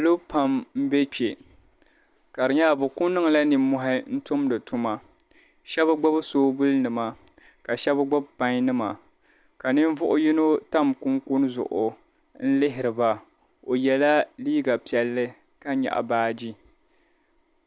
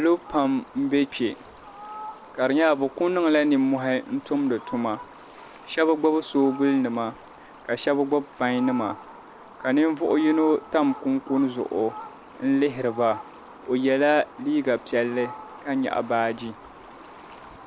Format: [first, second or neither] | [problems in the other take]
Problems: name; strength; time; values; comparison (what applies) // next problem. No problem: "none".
first | background sound (Fowl); 18 dB below the speech